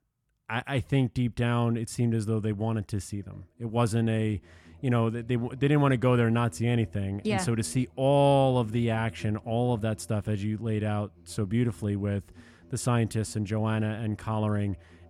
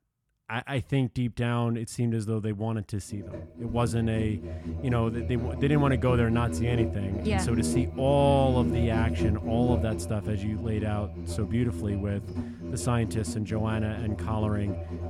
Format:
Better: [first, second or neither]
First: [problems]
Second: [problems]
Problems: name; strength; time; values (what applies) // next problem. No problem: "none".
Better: first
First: background music; faint; from 3 s on; 25 dB below the speech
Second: background music; loud; from 3 s on; 4 dB below the speech